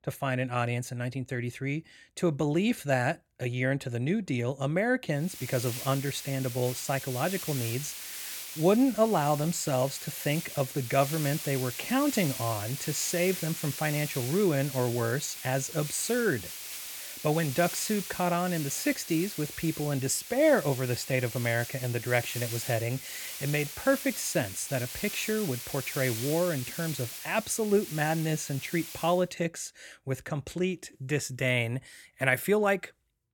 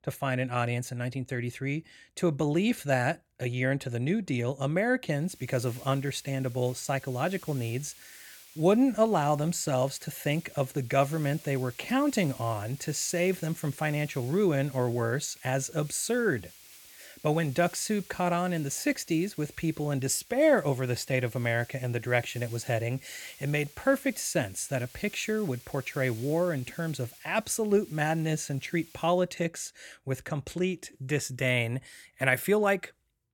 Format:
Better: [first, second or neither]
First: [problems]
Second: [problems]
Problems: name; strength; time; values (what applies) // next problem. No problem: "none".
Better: second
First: hiss; loud; from 5.5 to 29 s; 8 dB below the speech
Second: hiss; faint; from 5.5 to 29 s; 20 dB below the speech